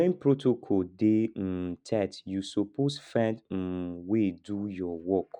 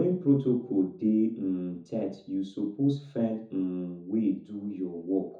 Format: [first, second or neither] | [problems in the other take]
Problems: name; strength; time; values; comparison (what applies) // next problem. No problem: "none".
first | room echo; dies away in 0.6 s